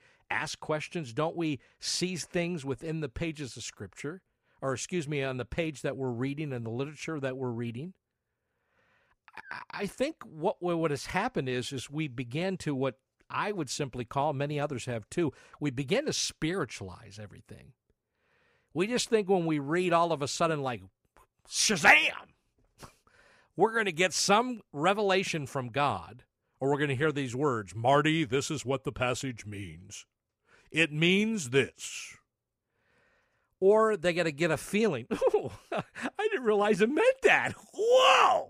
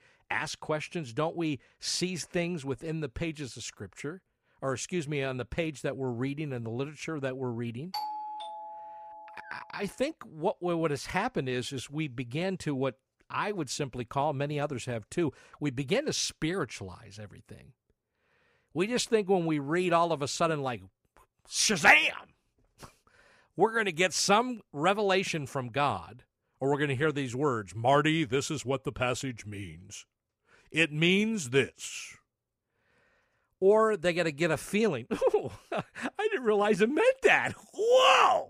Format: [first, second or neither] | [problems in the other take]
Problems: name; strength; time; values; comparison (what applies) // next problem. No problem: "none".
first | doorbell; noticeable; from 8 to 9.5 s; peak 7 dB below the speech